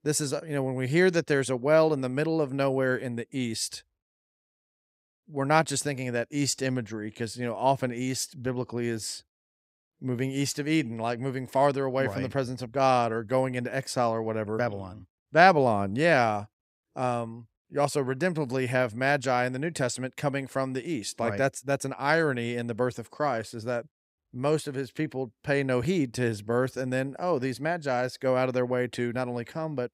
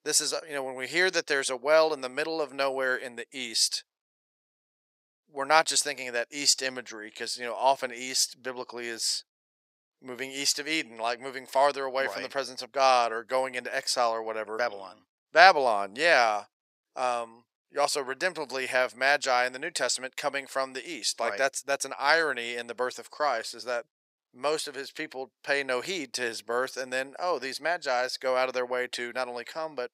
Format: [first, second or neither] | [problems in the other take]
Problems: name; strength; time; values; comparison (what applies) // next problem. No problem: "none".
first | thin; very; fading below 650 Hz